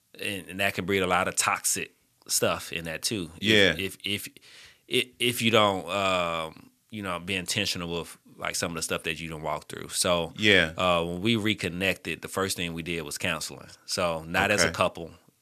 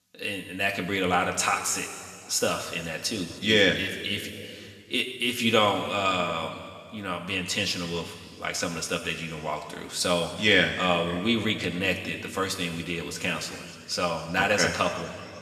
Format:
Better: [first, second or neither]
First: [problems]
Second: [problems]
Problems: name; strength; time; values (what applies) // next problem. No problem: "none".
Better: first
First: none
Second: room echo; noticeable; dies away in 2.3 s // off-mic speech; somewhat distant